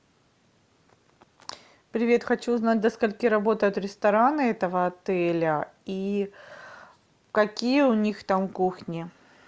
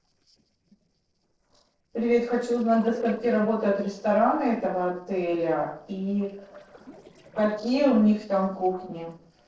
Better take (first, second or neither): first